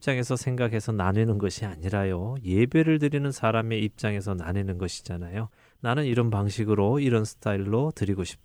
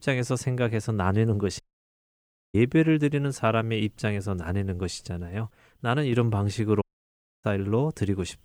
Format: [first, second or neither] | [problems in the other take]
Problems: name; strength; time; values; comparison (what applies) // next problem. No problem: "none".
first | audio cutting out; at 1.5 s for 1 s and at 7 s for 0.5 s